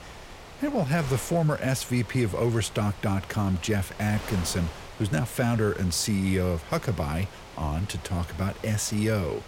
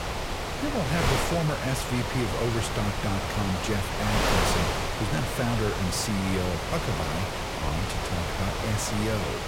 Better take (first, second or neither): first